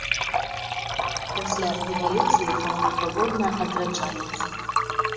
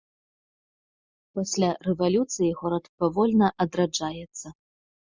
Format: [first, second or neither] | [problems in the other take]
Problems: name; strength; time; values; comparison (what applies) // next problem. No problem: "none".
second | background sound (Liquid); 3 dB above the speech // room echo; dies away in 2.3 s